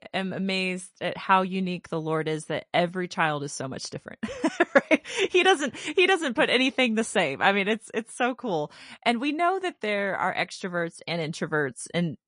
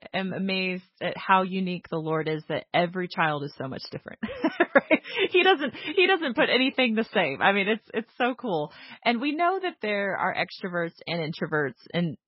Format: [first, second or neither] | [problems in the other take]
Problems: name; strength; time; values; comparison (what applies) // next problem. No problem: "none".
first | garbled, watery; badly; nothing above 5.5 kHz; slightly in the first